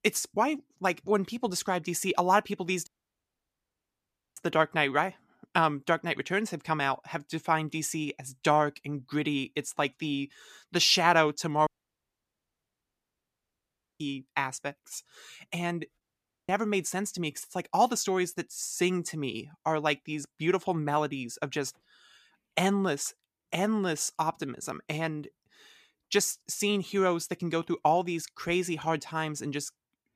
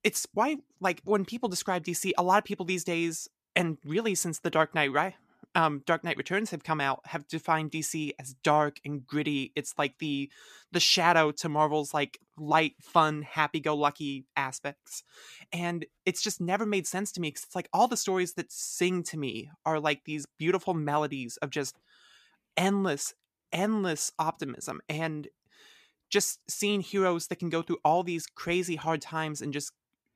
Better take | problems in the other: second | audio cutting out; at 3 s for 1.5 s, at 12 s for 2.5 s and at 16 s

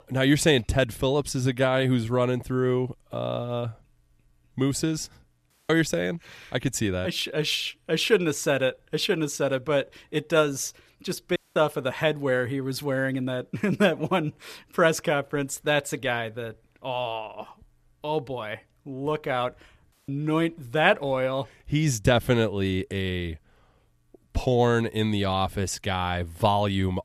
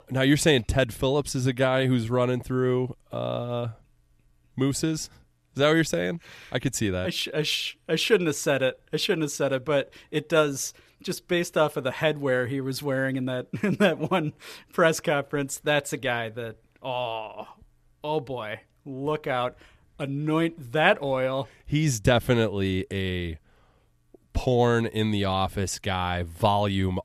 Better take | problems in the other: second | audio cutting out; at 5.5 s, at 11 s and at 20 s

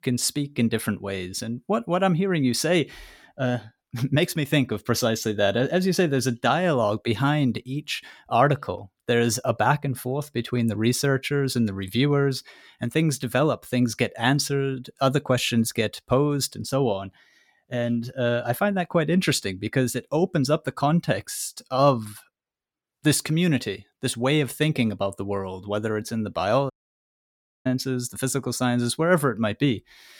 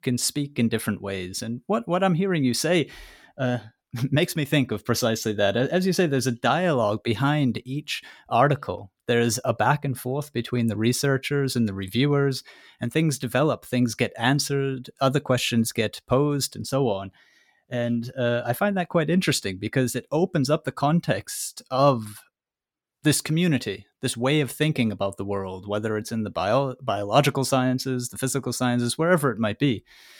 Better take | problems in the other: second | audio cutting out; at 27 s for 1 s

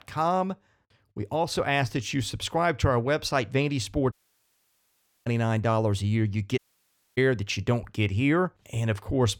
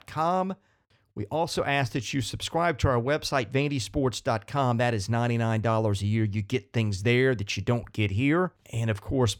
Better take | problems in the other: second | audio cutting out; at 4 s for 1 s and at 6.5 s for 0.5 s

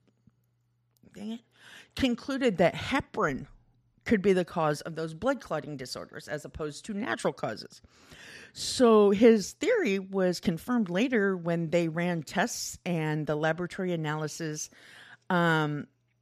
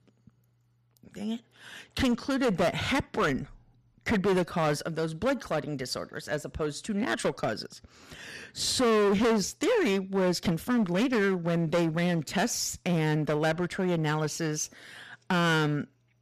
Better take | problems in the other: first | distortion; heavy; 12% of the sound clipped

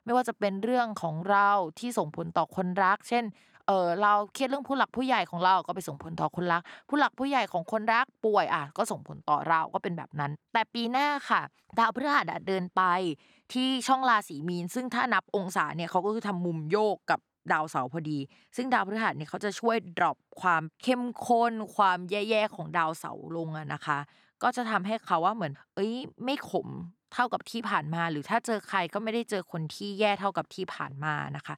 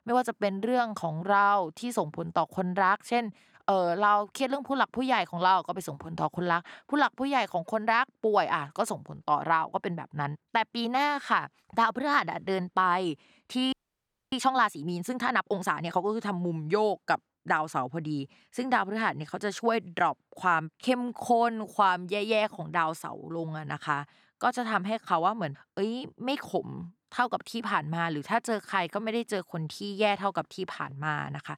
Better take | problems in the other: first | audio freezing; at 14 s for 0.5 s

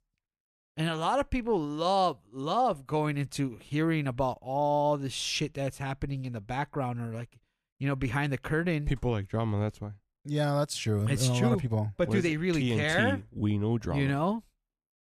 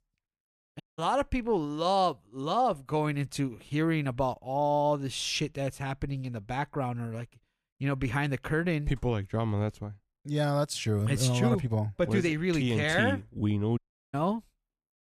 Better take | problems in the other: first | audio cutting out; at 1 s and at 14 s

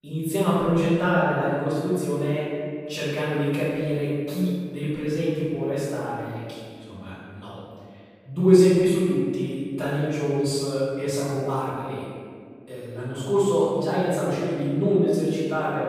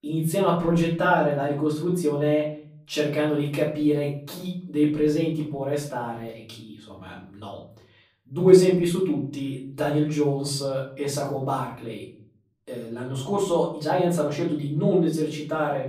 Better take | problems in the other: second | room echo; strong; dies away in 1.9 s; slight in the second // off-mic speech; far; far in the second

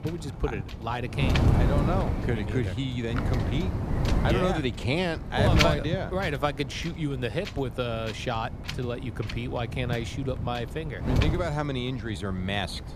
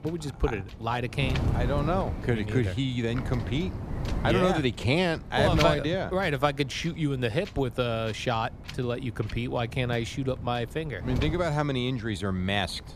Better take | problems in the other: second | wind noise on the microphone; heavy; 4 dB below the speech; occasional gusts in the second

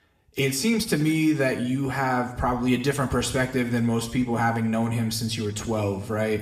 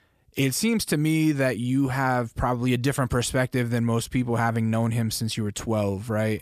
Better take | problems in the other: second | room echo; slight; dies away in 0.7 s

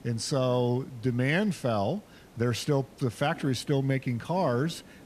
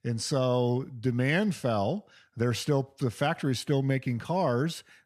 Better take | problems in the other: second | hiss; faint; throughout; 20 dB below the speech

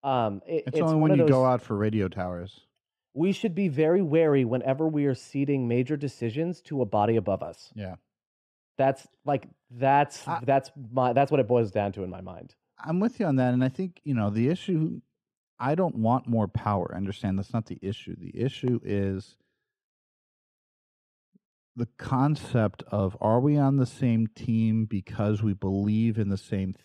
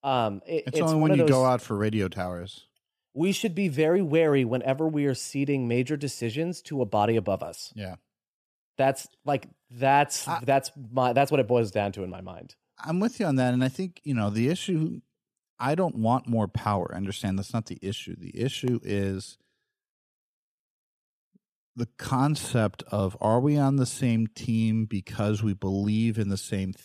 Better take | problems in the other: second | muffled; slightly; fading above 1.5 kHz

